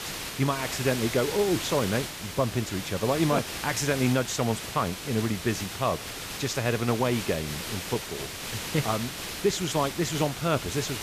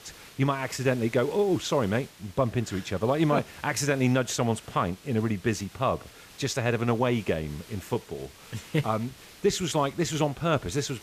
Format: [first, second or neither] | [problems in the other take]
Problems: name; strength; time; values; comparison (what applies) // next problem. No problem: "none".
second | hiss; loud; throughout; 6 dB below the speech; faint in the second